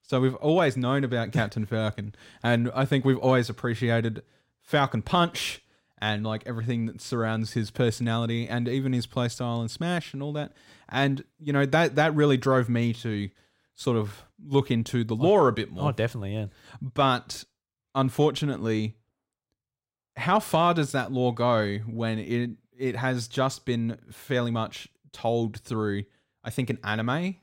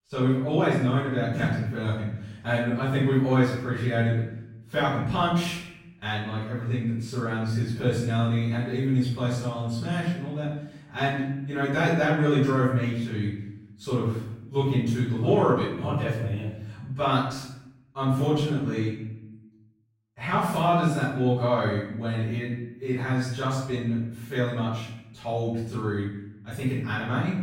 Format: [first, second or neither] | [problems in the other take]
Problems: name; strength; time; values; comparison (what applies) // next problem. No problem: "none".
first | off-mic speech; far // room echo; noticeable; dies away in 0.7 s